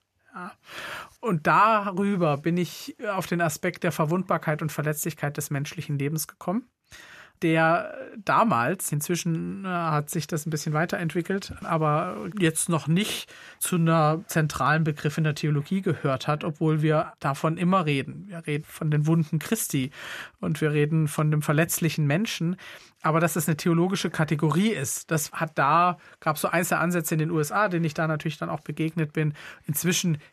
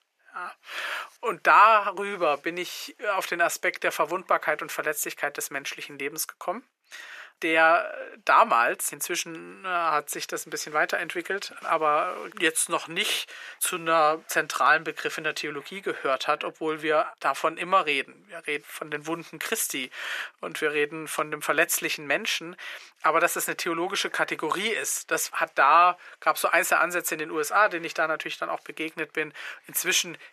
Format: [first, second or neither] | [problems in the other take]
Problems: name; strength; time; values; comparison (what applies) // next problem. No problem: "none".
first | thin; very; fading below 400 Hz